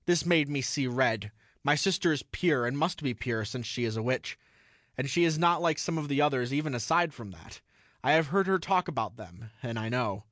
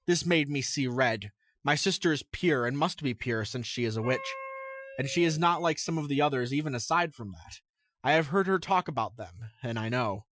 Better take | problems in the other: first | noise reduction (classical method Wiener filter)

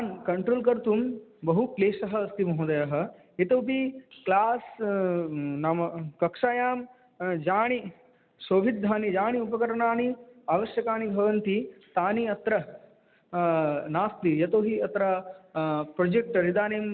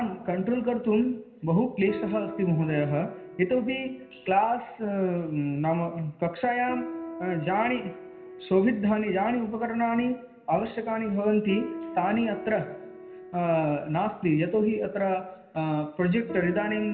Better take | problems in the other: first | background sound (Piano); 15 dB below the speech // room echo; dies away in 1.4 s

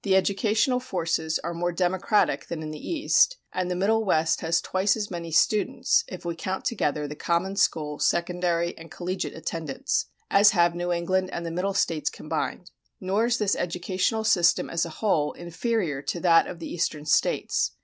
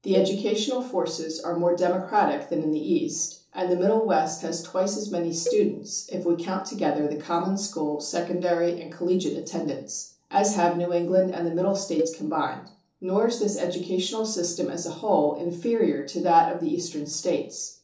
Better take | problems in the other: first | noise reduction (neural separator model SepFormer DNS4)

